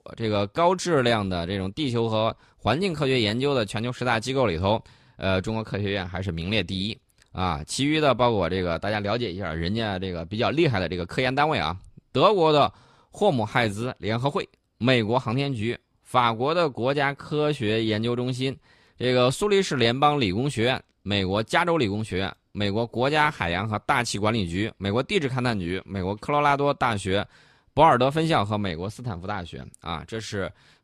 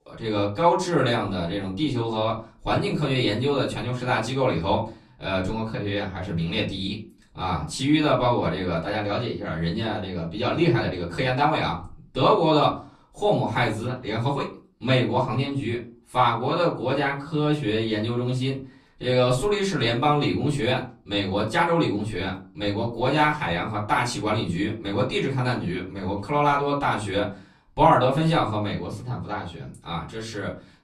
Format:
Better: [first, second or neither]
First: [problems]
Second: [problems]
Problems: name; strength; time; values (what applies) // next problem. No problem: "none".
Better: first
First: none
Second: off-mic speech; far // room echo; very slight; dies away in 0.3 s